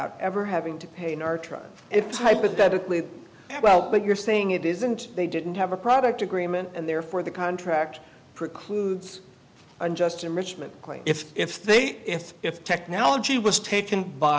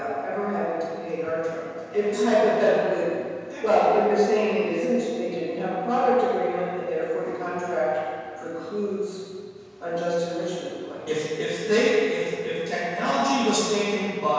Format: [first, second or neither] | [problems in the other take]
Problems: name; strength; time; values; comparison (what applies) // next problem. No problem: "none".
first | room echo; dies away in 1.9 s